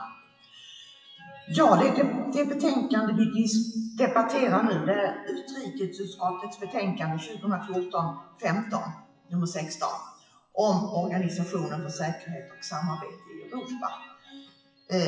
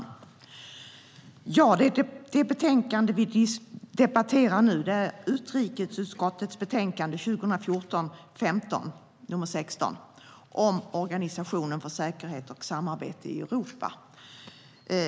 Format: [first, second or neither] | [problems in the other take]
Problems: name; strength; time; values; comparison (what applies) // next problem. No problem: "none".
second | noise reduction (classical method WPE with log-MMSE)